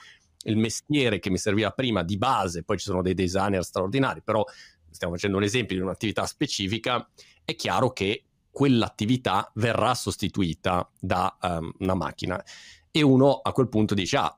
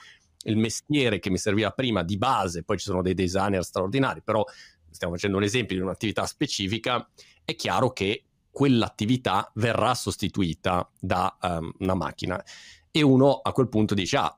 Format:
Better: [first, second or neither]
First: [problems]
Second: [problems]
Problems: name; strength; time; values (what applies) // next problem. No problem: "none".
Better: neither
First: none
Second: none